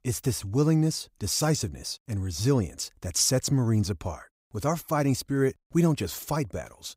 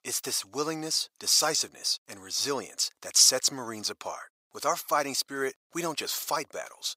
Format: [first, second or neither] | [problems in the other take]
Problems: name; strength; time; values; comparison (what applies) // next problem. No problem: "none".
first | thin; very; fading below 650 Hz